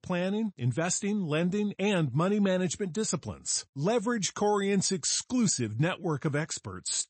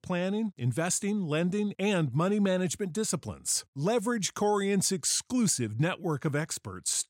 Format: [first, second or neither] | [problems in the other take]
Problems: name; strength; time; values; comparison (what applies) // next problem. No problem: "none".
second | garbled, watery; slightly; nothing above 8 kHz